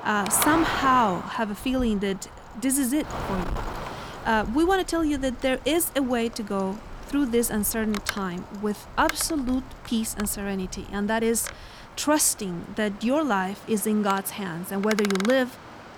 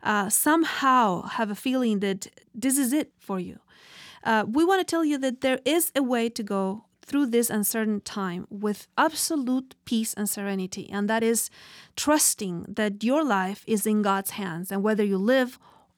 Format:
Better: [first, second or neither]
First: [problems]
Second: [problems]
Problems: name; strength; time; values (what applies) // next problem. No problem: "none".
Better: second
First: wind noise on the microphone; heavy; 8 dB below the speech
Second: none